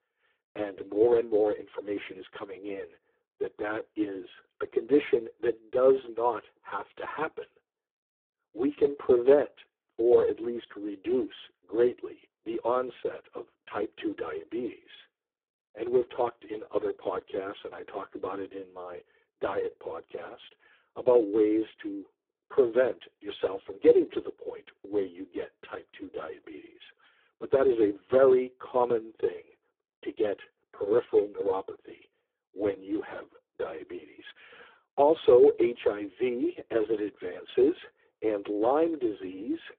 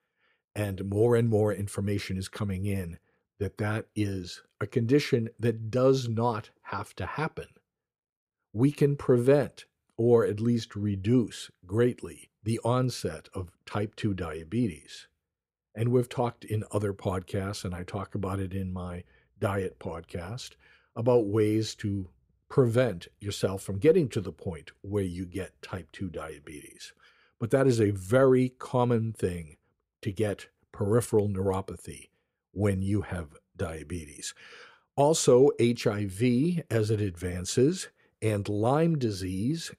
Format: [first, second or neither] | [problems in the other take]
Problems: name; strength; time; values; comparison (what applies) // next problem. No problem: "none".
second | phone-call audio; poor line